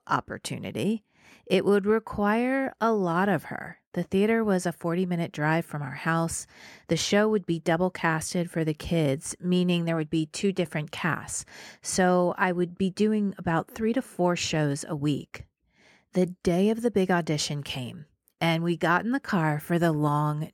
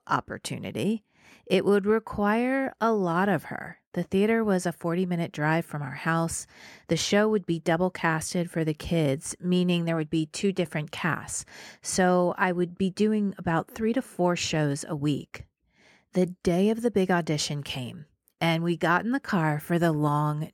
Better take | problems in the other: neither | none

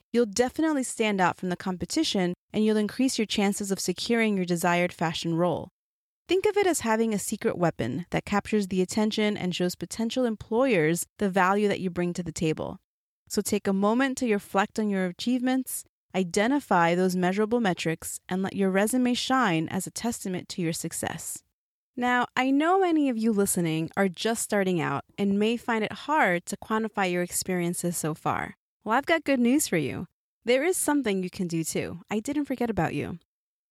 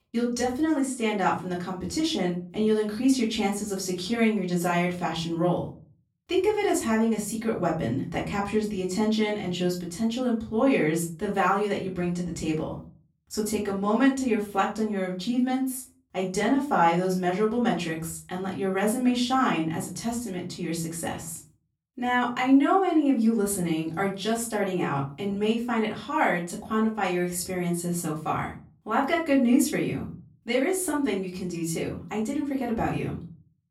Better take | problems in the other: first | off-mic speech; far // room echo; slight; dies away in 0.4 s

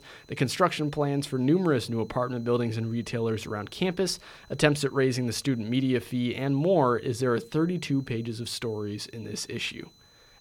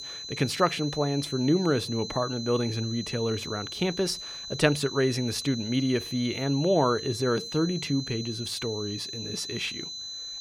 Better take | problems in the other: first | high-pitched whine; loud; throughout; 4 kHz, 8 dB below the speech; faint in the first

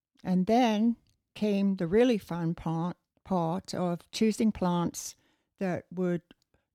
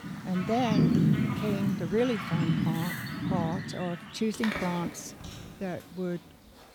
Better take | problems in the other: first | animal sounds; very loud; throughout; 2 dB above the speech

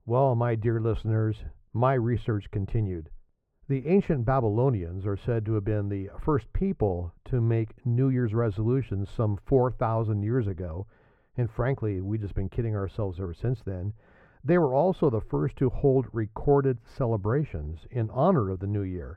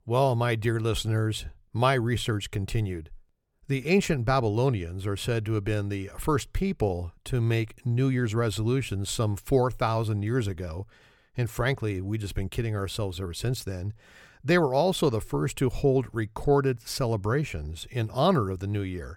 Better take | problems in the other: second | muffled; very; fading above 3 kHz

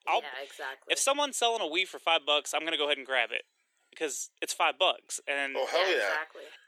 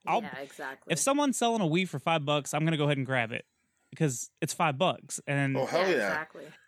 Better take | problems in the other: second | thin; very; fading below 400 Hz

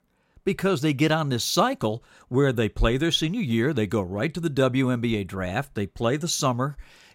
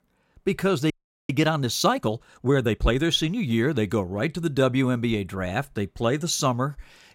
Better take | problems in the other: first | audio freezing; at 1 s

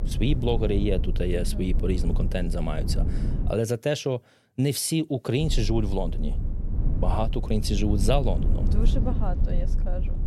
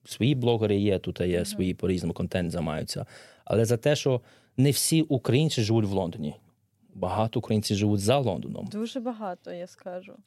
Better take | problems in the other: second | low rumble; noticeable; until 3.5 s and from 5.5 s on; 10 dB below the speech

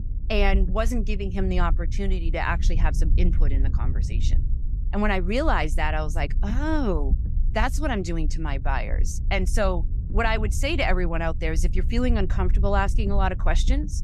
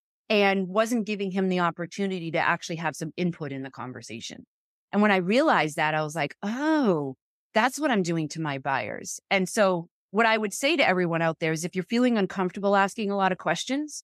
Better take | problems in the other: second | low rumble; noticeable; throughout; 20 dB below the speech

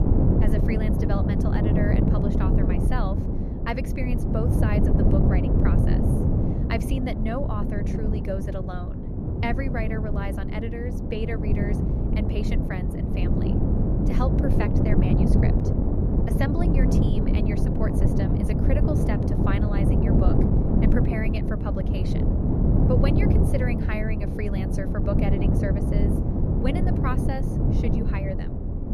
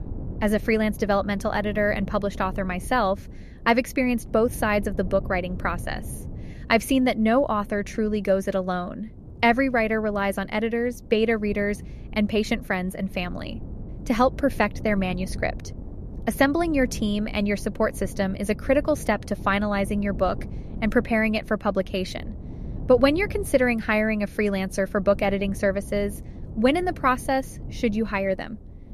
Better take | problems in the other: second | wind noise on the microphone; heavy; 2 dB above the speech; occasional gusts in the second

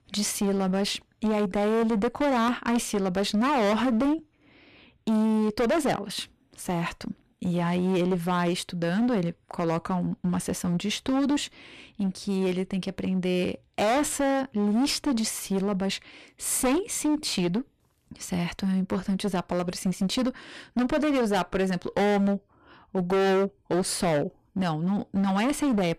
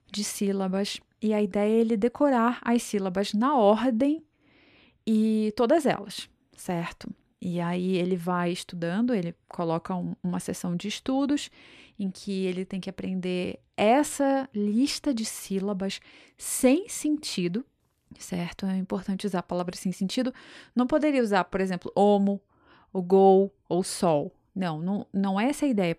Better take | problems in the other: second | distortion; heavy; 17% of the sound clipped

